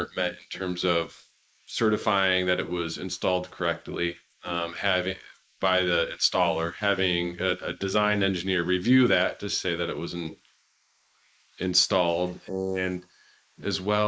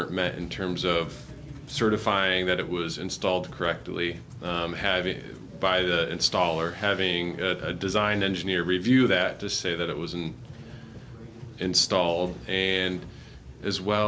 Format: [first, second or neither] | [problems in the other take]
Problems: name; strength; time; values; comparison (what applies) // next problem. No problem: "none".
second | noise reduction (neural mask model Resemble Enhance denoiser)